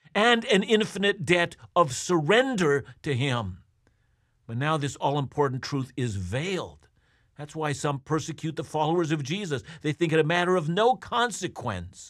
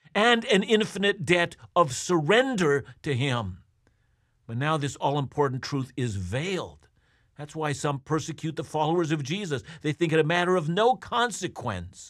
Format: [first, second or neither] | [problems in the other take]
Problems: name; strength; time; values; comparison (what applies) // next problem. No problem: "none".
neither | none